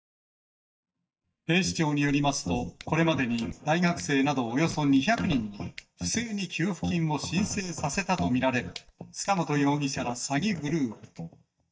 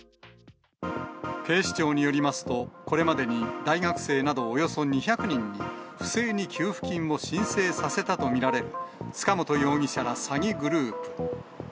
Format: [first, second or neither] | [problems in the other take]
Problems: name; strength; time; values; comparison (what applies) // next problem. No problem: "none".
second | noise reduction (neural mask model DeepFilterNet 3)